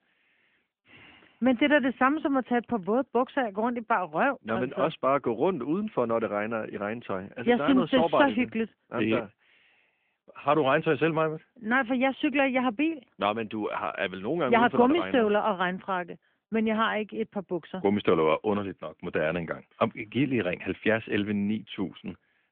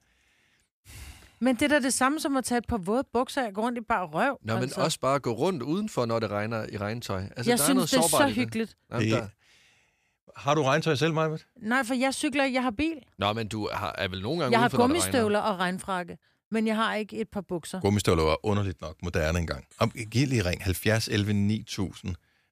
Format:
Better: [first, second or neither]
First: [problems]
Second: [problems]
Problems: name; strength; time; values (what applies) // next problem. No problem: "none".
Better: second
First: phone-call audio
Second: none